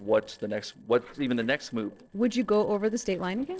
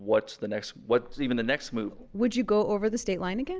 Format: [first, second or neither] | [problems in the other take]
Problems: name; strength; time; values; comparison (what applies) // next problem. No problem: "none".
second | noise reduction (neural separator model SepFormer DNS4)